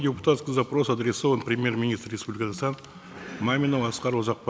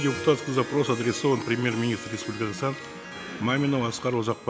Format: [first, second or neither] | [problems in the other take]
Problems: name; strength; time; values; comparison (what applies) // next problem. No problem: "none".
first | background sound (Harp); 12 dB below the speech